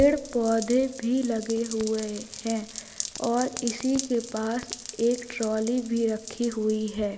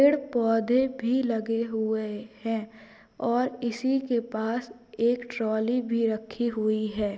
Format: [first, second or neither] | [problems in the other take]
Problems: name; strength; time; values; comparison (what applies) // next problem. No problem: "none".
second | background sound (Rain); 13 dB below the speech